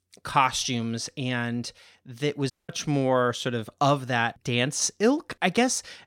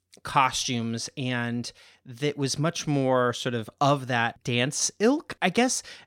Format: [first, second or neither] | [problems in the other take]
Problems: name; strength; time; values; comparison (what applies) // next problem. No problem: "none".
second | audio cutting out; at 2.5 s